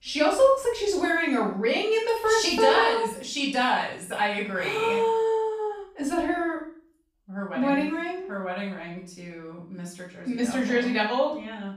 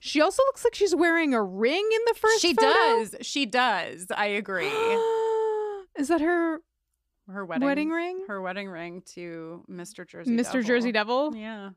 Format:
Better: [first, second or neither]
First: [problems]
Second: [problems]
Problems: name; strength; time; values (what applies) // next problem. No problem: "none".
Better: second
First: room echo; noticeable; dies away in 0.5 s // off-mic speech; far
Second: none